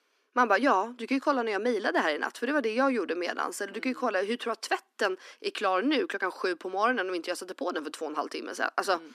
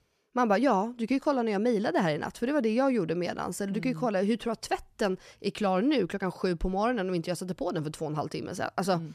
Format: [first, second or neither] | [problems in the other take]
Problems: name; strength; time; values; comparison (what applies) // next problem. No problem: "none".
second | thin; very slightly; fading below 250 Hz